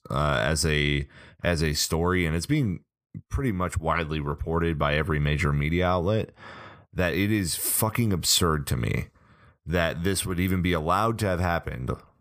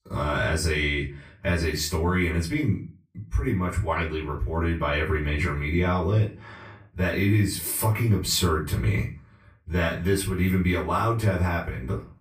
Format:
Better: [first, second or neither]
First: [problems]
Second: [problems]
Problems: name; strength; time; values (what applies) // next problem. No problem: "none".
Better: first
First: none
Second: room echo; slight; dies away in 0.3 s // off-mic speech; far